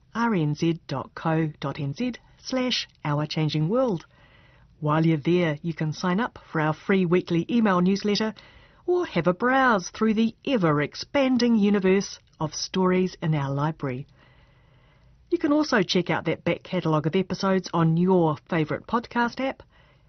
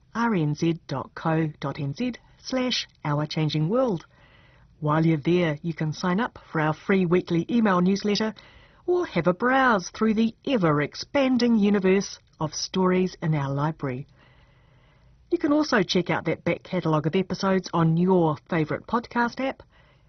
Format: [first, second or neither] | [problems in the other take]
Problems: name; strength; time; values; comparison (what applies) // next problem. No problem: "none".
first | garbled, watery; badly; nothing above 6 kHz; slightly in the first